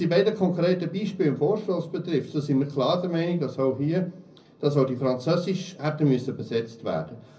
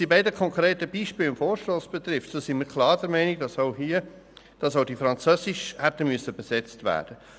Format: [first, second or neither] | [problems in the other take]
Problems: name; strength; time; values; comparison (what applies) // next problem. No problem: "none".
second | room echo; dies away in 0.4 s